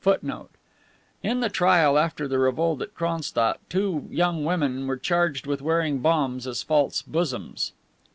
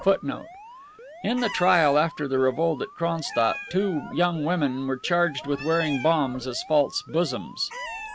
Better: first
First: none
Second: background sound (Meow + Alarm); 15 dB below the speech

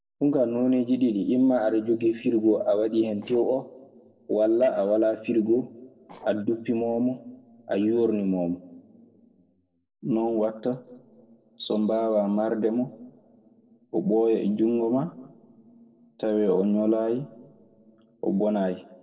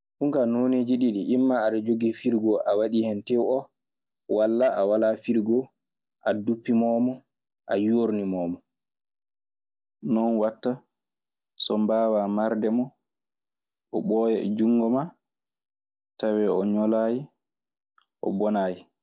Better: second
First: noise reduction (neural separator model SepFormer DNS4)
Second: none

